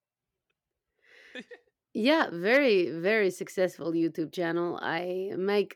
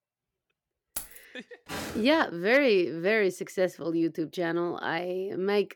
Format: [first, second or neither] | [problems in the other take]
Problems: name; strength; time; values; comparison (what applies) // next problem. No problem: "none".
first | jangling keys; faint; at 1 s; peak 10 dB below the speech // footsteps; noticeable; at 1.5 s; peak 10 dB below the speech